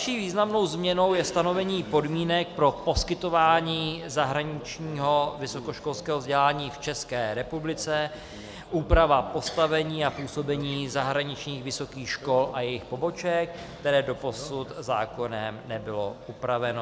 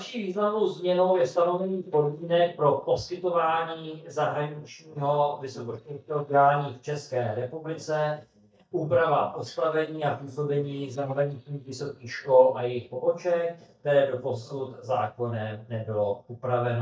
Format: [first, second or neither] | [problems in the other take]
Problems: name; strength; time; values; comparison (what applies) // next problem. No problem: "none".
first | noise reduction (neural mask model DeepFilterNet 3)